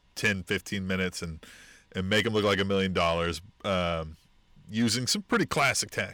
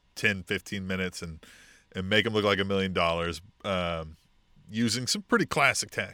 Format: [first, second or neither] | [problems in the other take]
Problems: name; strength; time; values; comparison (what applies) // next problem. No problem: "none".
second | distortion; slight; 10 dB below the speech